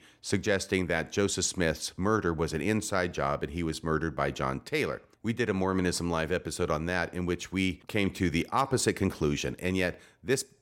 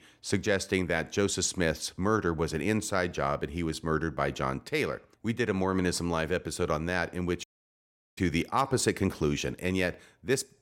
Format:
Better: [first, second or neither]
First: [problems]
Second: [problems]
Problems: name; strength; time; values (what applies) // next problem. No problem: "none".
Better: first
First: none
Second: audio cutting out; at 7.5 s for 0.5 s